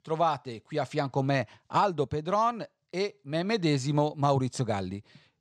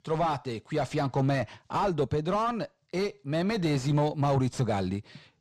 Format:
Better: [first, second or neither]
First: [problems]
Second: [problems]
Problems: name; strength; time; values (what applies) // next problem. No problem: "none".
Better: first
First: none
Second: distortion; heavy; 7 dB below the speech